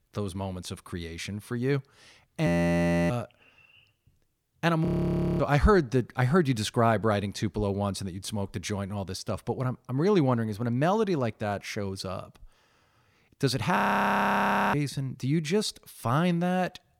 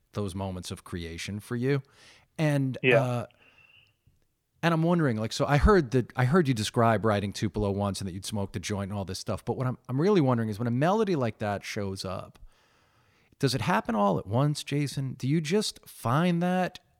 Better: second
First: audio freezing; at 2.5 s for 0.5 s, at 5 s for 0.5 s and at 14 s for 1 s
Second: none

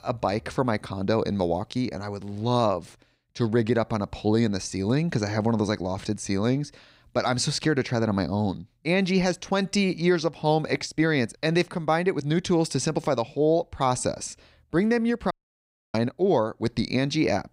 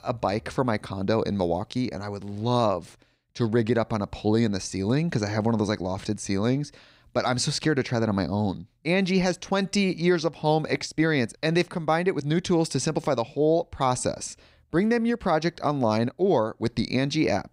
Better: second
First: audio cutting out; at 15 s for 0.5 s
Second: none

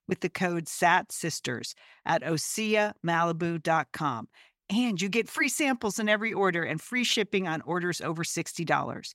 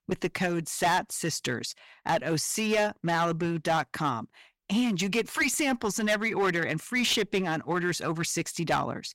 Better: first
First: none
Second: distortion; slight; 7% of the sound clipped

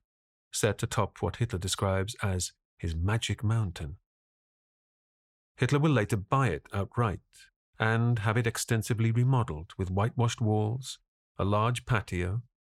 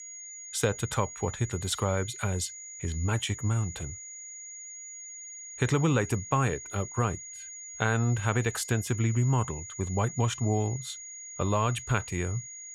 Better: first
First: none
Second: high-pitched whine; noticeable; throughout; 6.5 kHz, 10 dB below the speech

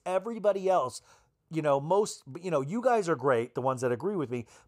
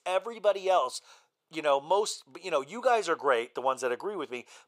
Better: first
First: none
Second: thin; somewhat; fading below 450 Hz

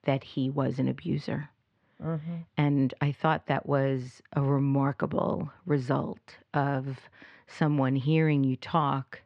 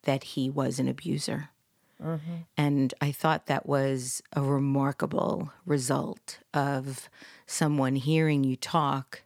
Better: second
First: muffled; slightly; fading above 3 kHz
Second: none

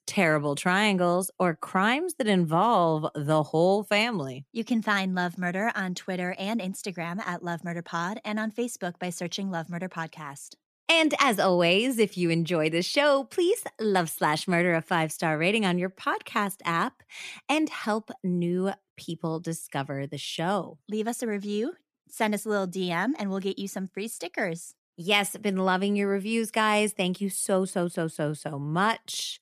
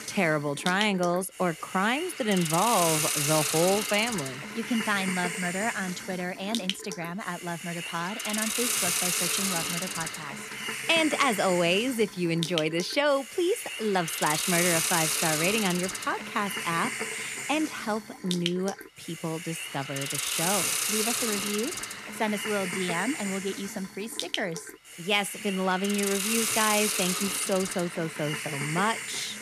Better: first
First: none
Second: hiss; loud; throughout; 1 dB below the speech

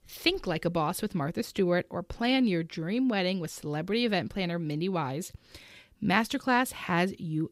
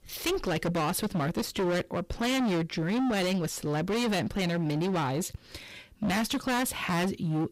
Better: first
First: none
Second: distortion; heavy; 27% of the sound clipped

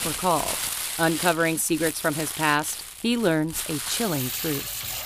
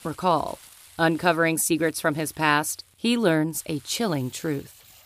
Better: second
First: household noises; loud; throughout; 4 dB below the speech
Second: household noises; faint; throughout; 25 dB below the speech

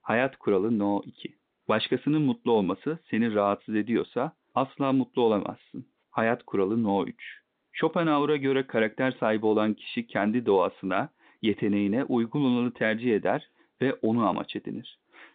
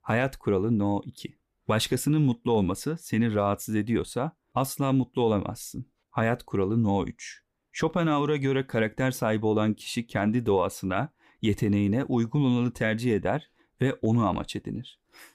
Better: second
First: phone-call audio; nothing above 3.5 kHz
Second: none

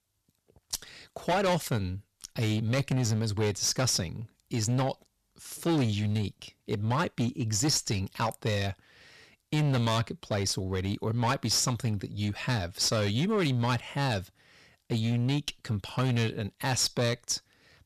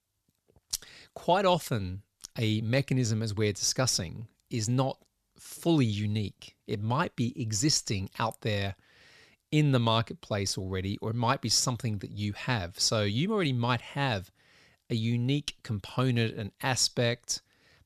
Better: second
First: distortion; slight; 10% of the sound clipped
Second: none

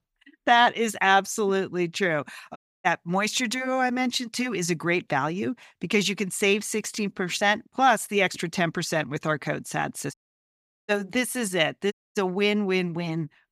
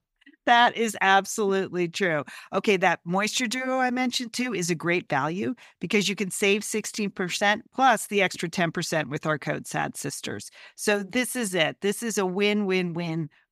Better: second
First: audio cutting out; at 2.5 s, at 10 s for 0.5 s and at 12 s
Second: none

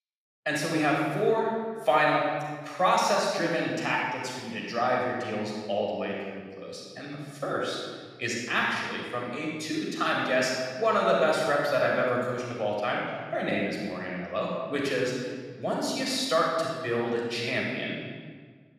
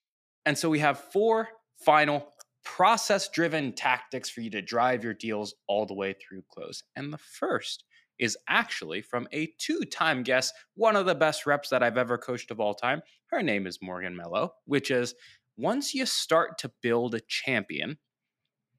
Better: second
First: room echo; strong; dies away in 1.5 s // off-mic speech; far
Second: none

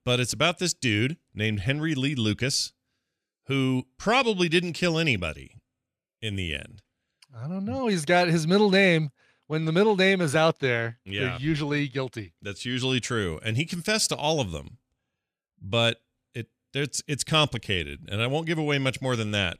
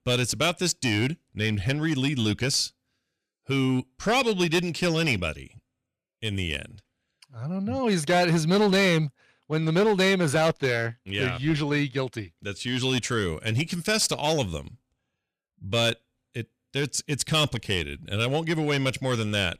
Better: first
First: none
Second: distortion; slight; 5% of the sound clipped

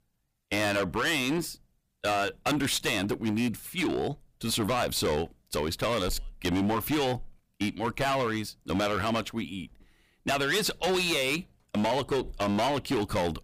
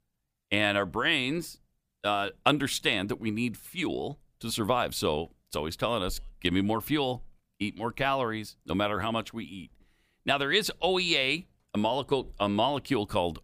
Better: second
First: distortion; heavy; 15% of the sound clipped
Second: none

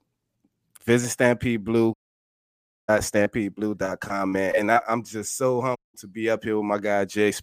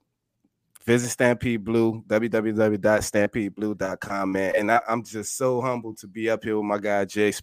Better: second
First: audio cutting out; at 2 s for 1 s and at 6 s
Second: none

